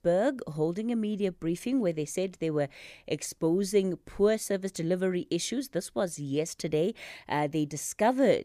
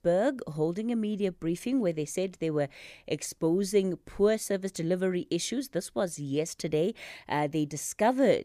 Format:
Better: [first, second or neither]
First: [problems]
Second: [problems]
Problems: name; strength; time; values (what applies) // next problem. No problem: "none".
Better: neither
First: none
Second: none